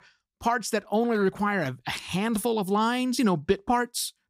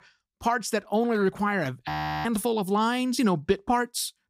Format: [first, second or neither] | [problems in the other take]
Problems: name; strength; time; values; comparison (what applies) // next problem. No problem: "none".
first | audio freezing; at 2 s